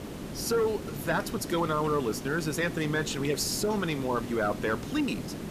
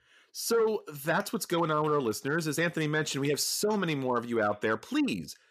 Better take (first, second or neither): second